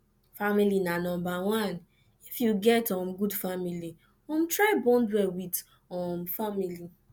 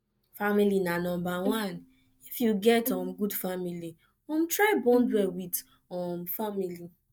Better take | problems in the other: first | noise reduction (neural mask model DeepFilterNet 3)

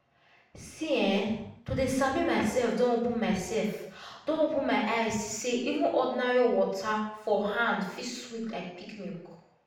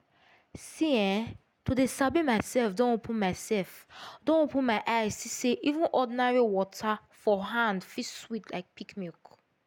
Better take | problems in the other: second | room echo; dies away in 0.7 s

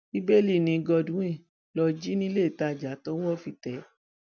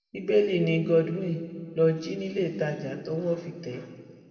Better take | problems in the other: first | room echo; dies away in 2 s

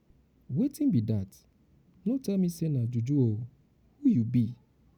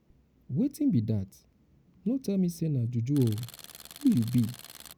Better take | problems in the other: first | background sound (Tools); 18 dB below the speech

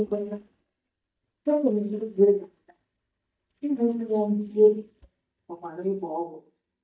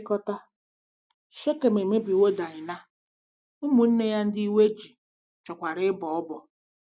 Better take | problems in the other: second | noise reduction (neural mask model DeepFilterNet 3)

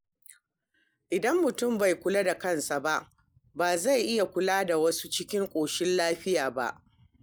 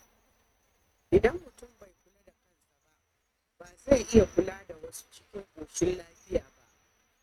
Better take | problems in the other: first | noise reduction (neural mask model RNNoise)

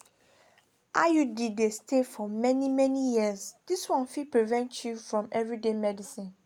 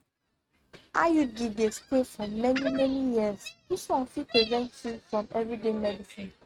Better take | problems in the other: first | noise reduction (neural mask model RNNoise)

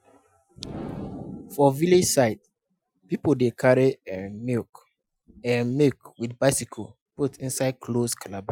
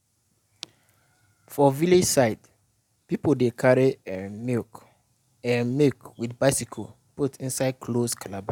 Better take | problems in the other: second | noise reduction (classical method Wiener filter)

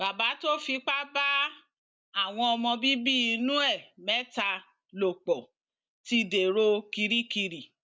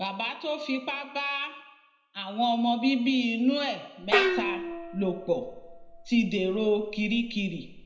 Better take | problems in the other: first | background sound (Gong); 4 dB below the speech // room echo; dies away in 0.8 s

